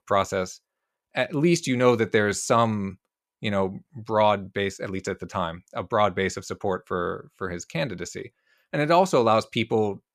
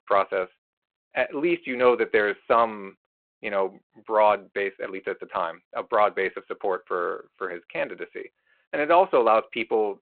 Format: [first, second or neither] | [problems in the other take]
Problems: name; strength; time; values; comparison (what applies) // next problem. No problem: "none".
first | phone-call audio; nothing above 4 kHz